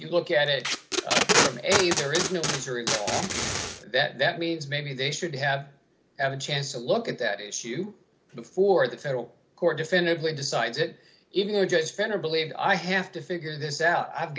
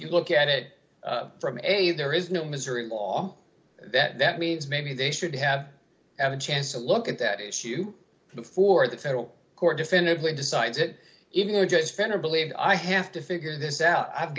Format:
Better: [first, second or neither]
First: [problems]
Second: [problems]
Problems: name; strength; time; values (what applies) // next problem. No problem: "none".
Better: second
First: background sound (Packing tape, duct tape); 1 dB above the speech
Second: none